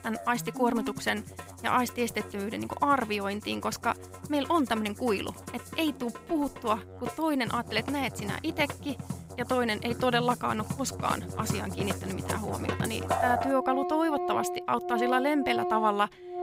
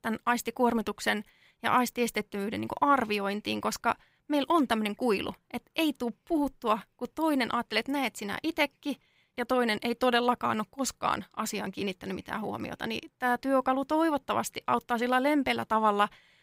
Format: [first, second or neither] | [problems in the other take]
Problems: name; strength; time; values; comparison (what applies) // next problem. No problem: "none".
second | background music; loud; throughout; 7 dB below the speech